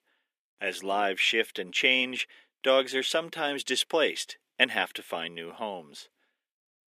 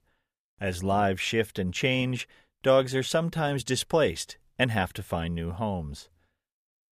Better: second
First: thin; somewhat; fading below 300 Hz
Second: none

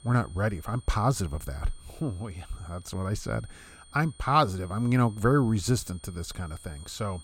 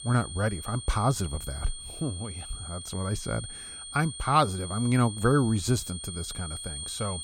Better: first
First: high-pitched whine; faint; throughout; 8.5 kHz, 25 dB below the speech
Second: high-pitched whine; loud; throughout; 8.5 kHz, 9 dB below the speech

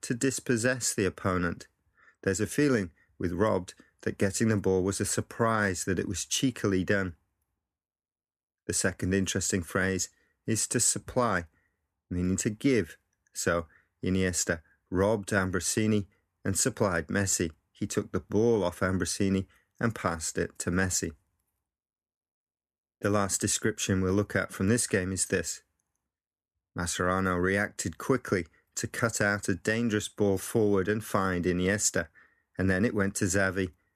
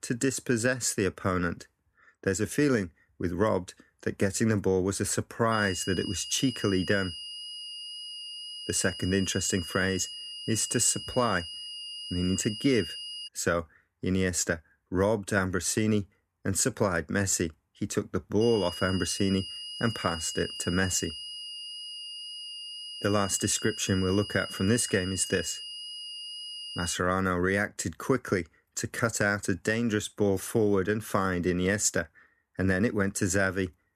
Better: first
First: none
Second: high-pitched whine; loud; from 5.5 to 13 s and from 18 to 27 s; 3 kHz, 9 dB below the speech

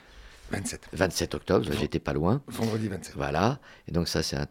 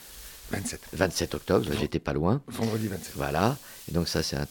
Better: first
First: none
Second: hiss; noticeable; until 2 s and from 2.5 s on; 15 dB below the speech

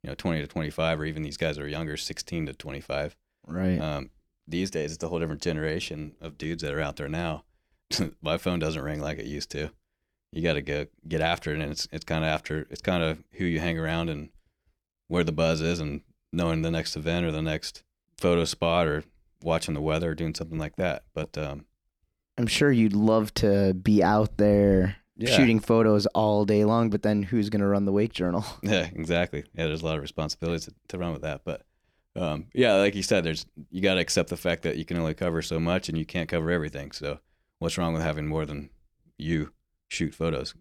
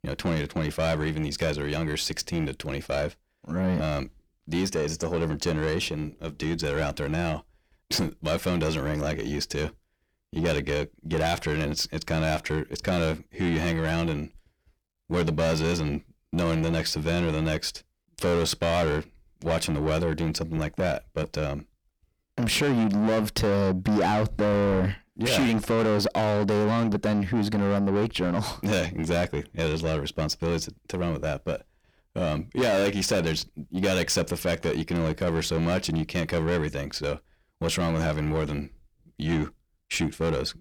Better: first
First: none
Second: distortion; heavy; 7 dB below the speech

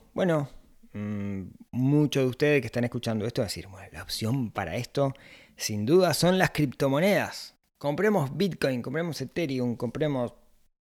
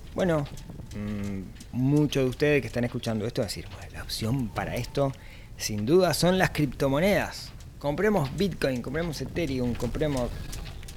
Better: first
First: none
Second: wind noise on the microphone; occasional gusts; 20 dB below the speech

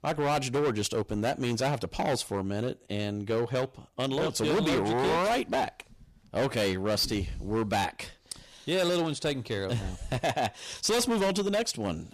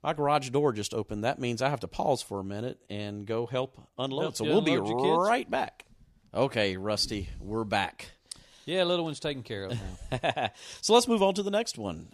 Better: second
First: distortion; heavy; 15% of the sound clipped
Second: none

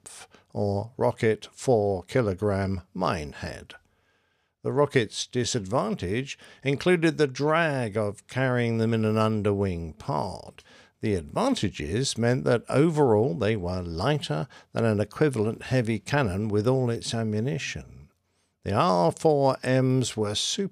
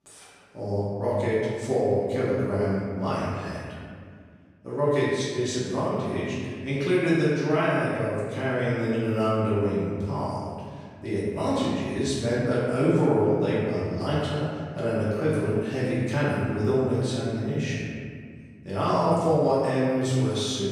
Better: first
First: none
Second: room echo; strong; dies away in 1.9 s // off-mic speech; far

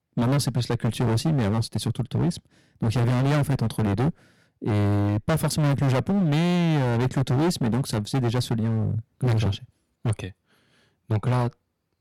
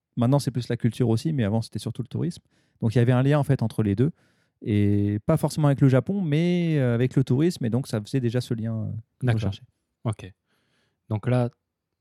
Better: second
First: distortion; heavy; 23% of the sound clipped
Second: none

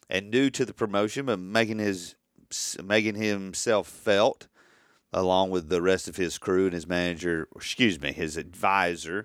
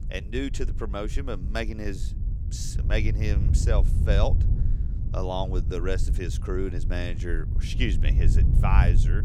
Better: first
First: none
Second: wind noise on the microphone; heavy; 9 dB below the speech

